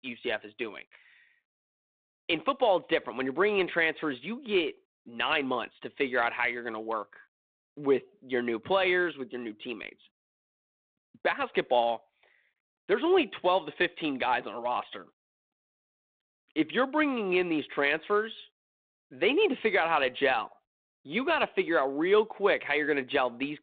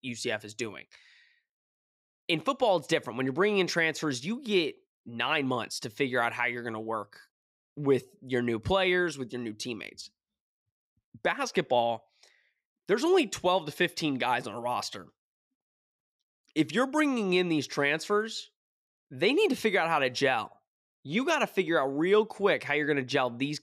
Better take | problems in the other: second | phone-call audio; nothing above 3.5 kHz

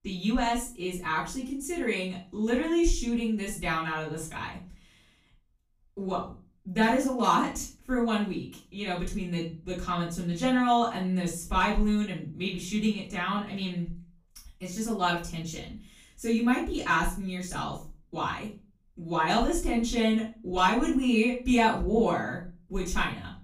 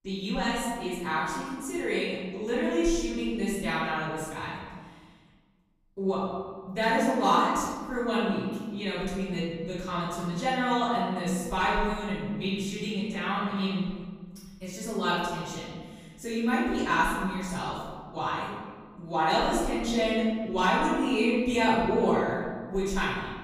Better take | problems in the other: first | room echo; strong; dies away in 1.4 s; slight in the first // off-mic speech; far; far in the first

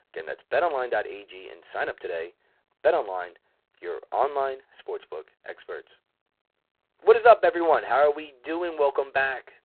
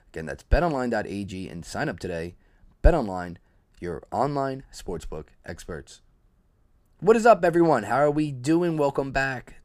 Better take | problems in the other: second | phone-call audio; poor line; nothing above 4 kHz

